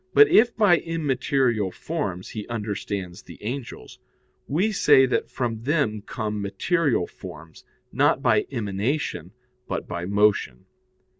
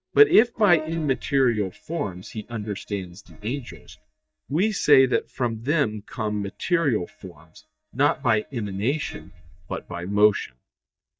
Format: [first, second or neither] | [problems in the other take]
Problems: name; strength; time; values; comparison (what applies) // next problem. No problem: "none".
first | noise reduction (neural mask model DeepFilterNet 3)